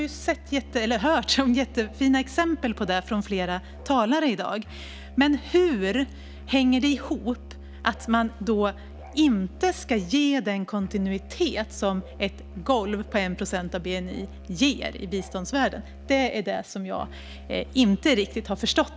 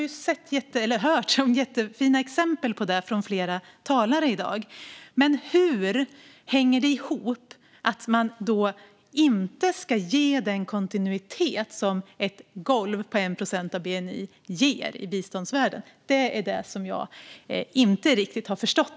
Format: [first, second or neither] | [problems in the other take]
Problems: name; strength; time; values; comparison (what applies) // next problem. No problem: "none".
second | background sound (Musical instrument); 16 dB below the speech